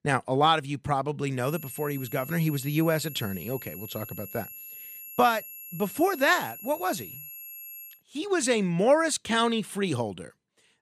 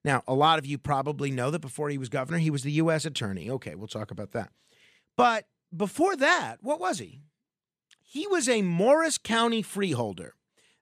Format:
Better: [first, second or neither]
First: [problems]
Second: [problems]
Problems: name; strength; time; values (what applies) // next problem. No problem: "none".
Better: second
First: high-pitched whine; noticeable; from 1.5 to 8 s; 11.5 kHz, 15 dB below the speech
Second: none